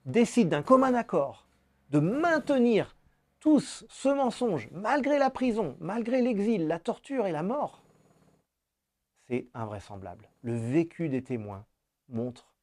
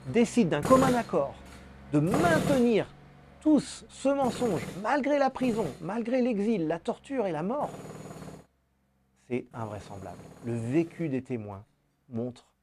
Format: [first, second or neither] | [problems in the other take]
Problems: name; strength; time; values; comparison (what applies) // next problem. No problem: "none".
first | machinery noise; loud; throughout; 8 dB below the speech; faint in the first